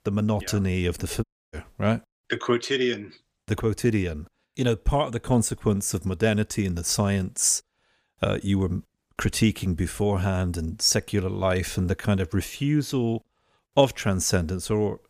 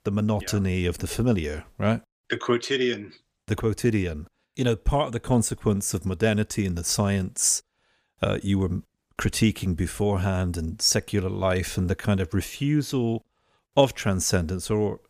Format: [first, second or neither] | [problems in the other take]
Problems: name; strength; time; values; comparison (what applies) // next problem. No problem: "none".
second | audio cutting out; at 1 s